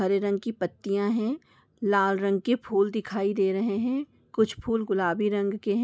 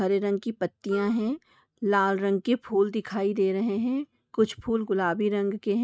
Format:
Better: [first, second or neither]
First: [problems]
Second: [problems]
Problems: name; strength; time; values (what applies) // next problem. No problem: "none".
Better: first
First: none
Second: noise reduction (neural mask model RNNoise)